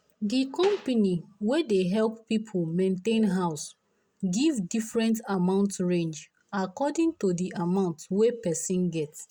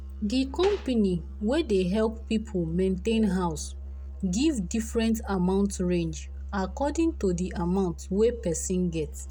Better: first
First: none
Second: background sound (Musical instrument); 11 dB below the speech

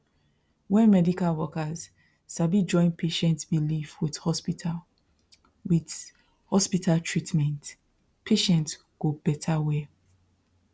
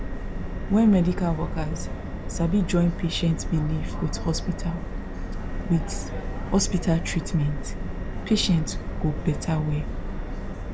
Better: first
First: none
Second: background sound (Subway, metro, underground); 3 dB below the speech

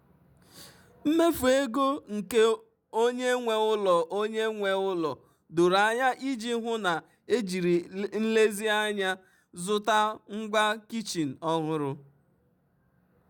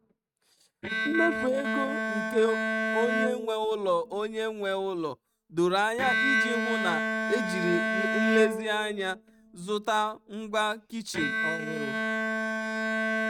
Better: first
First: none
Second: noise reduction (neural mask model RNNoise)

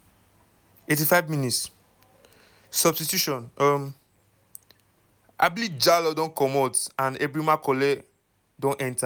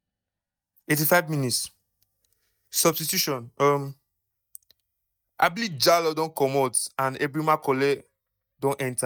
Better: first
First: none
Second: noise reduction (neural mask model DeepFilterNet 3)

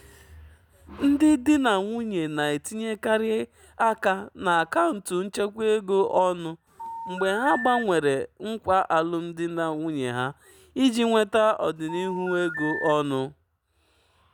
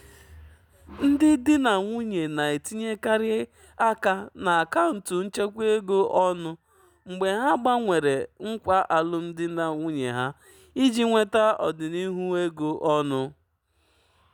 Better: second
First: background sound (Telephone); 9 dB below the speech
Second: none

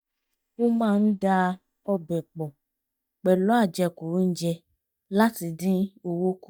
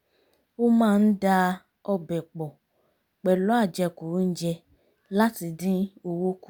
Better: second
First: noise reduction (neural mask model DeepFilterNet 3)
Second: none

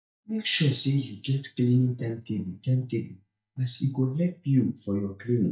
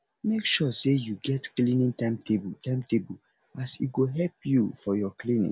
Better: second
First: noise reduction (neural mask model DeepFilterNet 3)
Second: none

